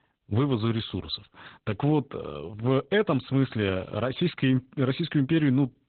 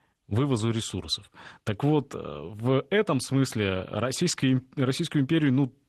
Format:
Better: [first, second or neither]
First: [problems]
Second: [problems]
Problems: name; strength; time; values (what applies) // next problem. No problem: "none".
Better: second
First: garbled, watery; badly; nothing above 4 kHz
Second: garbled, watery; slightly; nothing above 12 kHz